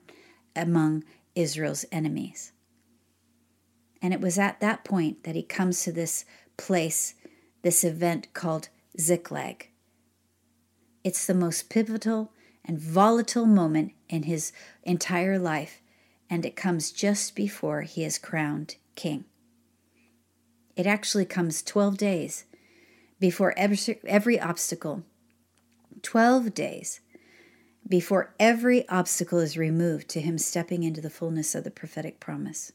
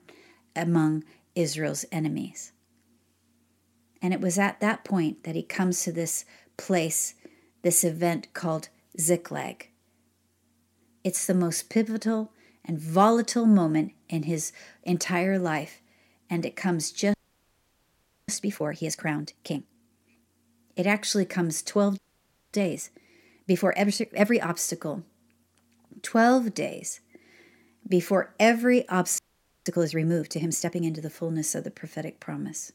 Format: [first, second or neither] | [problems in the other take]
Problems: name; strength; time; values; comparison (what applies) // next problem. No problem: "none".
first | audio freezing; at 17 s for 1 s, at 22 s for 0.5 s and at 29 s